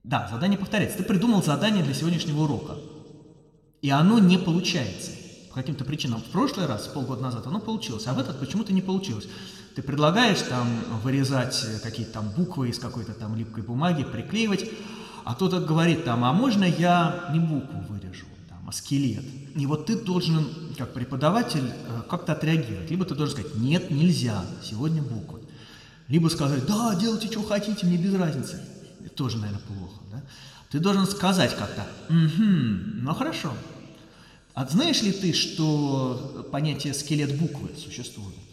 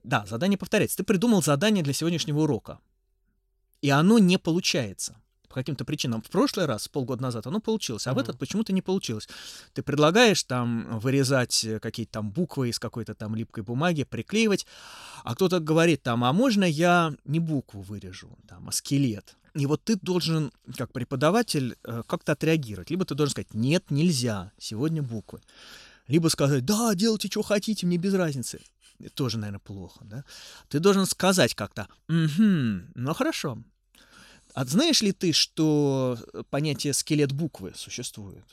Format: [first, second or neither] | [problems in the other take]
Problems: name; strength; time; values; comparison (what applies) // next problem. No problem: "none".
second | room echo; slight; dies away in 2.1 s